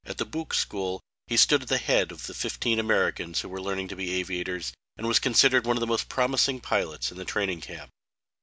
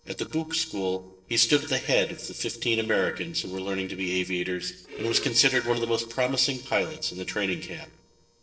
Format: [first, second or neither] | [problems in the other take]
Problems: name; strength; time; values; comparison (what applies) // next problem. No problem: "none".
first | noise reduction (neural separator model SepFormer DNS4)